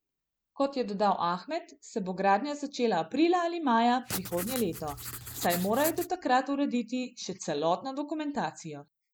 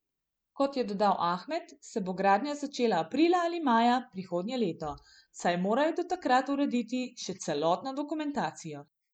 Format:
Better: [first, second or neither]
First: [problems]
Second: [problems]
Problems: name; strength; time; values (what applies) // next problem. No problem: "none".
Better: second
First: background sound (Writing); 8 dB below the speech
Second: none